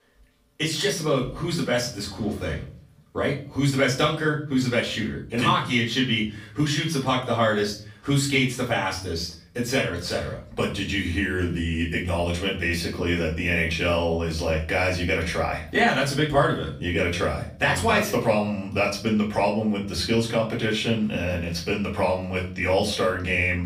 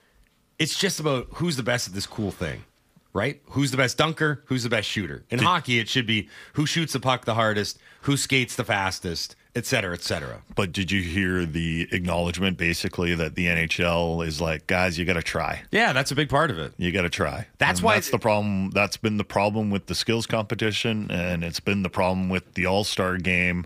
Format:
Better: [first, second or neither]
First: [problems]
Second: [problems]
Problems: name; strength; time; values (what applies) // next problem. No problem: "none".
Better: second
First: off-mic speech; far // room echo; slight; dies away in 0.4 s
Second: none